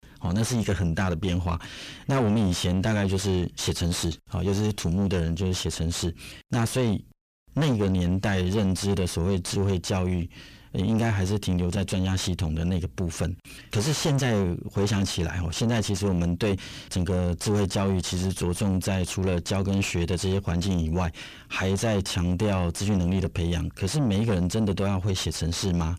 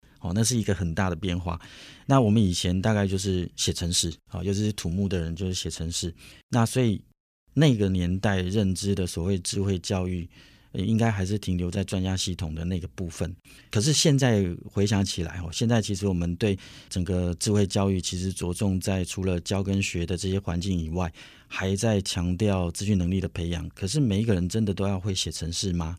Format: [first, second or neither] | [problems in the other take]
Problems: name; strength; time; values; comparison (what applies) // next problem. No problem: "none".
second | distortion; heavy; 5 dB below the speech